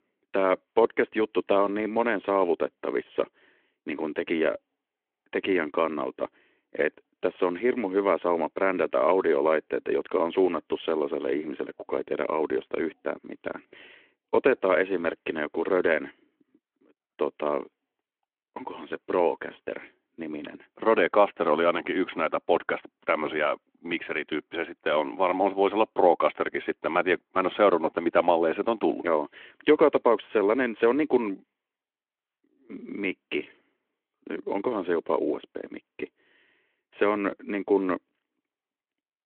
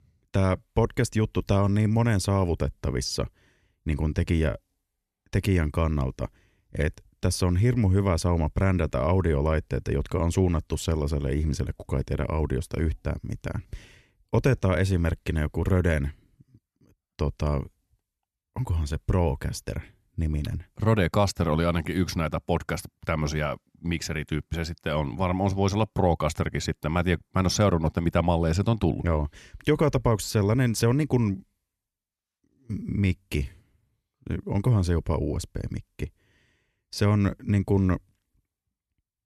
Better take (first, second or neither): second